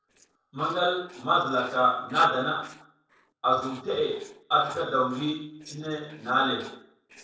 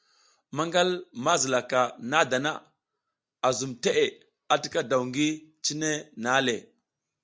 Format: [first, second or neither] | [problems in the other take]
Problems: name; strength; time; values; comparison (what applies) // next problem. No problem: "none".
second | noise reduction (neural separator model SepFormer DNS4)